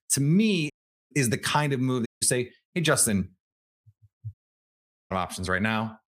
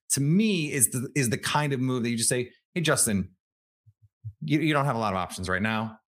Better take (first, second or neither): second